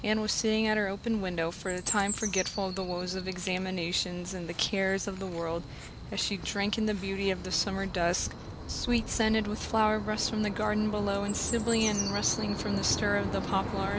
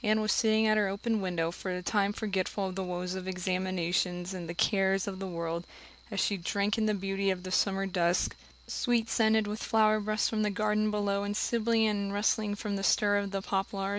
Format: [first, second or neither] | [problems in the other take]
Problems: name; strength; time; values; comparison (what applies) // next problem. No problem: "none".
second | background sound (Chirp, tweet); 8 dB below the speech